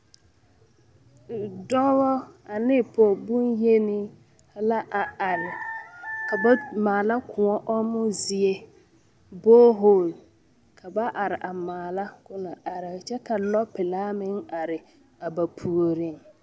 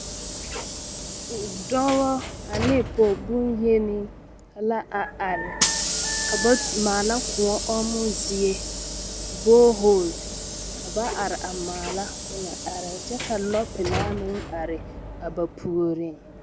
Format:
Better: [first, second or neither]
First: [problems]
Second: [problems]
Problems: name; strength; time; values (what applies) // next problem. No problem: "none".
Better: first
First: none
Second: background sound (Sliding door / Hiss); 6 dB below the speech